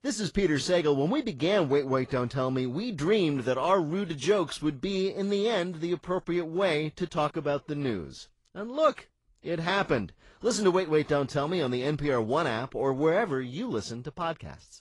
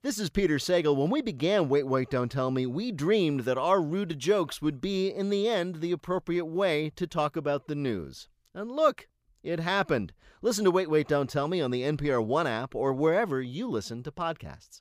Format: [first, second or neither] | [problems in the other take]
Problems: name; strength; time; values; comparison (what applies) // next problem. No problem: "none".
second | garbled, watery; slightly; nothing above 11 kHz